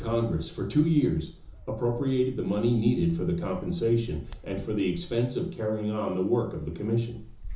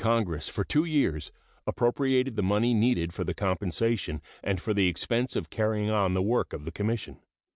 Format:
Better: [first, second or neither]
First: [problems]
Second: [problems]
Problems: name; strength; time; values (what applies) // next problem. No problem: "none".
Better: second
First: background sound (Bird); 17 dB below the speech // room echo; dies away in 0.7 s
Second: none